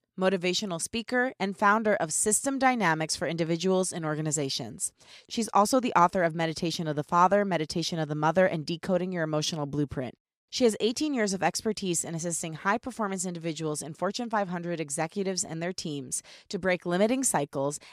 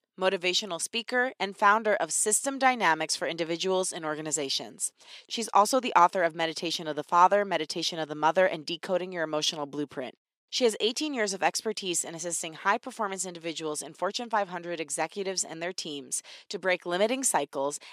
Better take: first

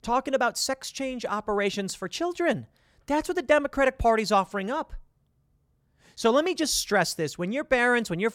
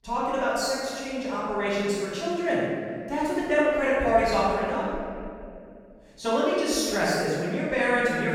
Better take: first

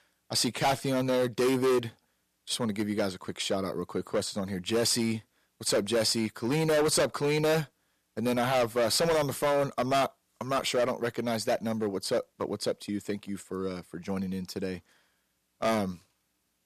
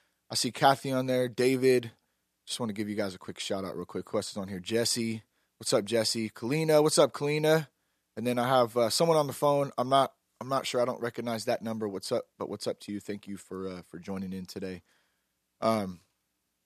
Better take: second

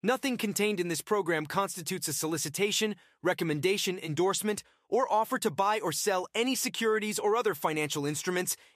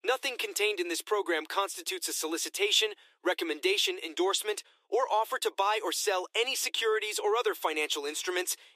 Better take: first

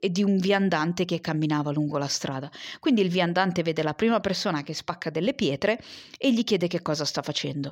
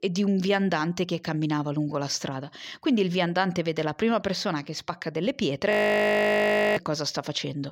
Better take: first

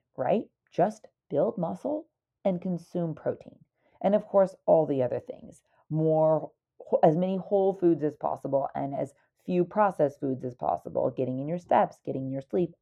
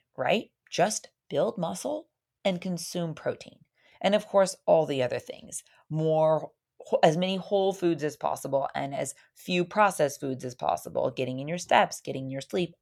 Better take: second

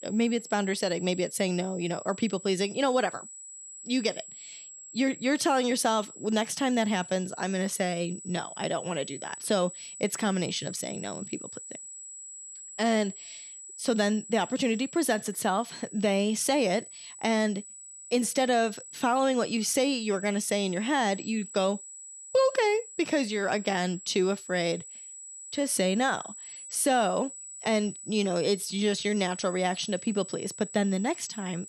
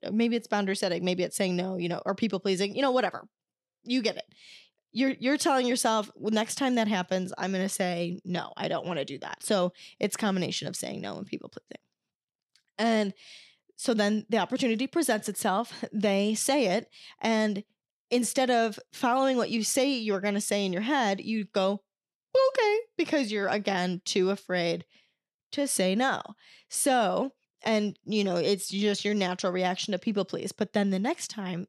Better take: second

